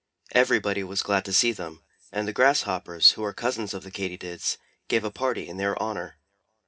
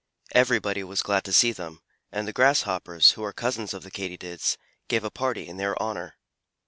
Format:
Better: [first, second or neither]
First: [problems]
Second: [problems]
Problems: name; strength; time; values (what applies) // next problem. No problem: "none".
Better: second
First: room echo; dies away in 0.3 s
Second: none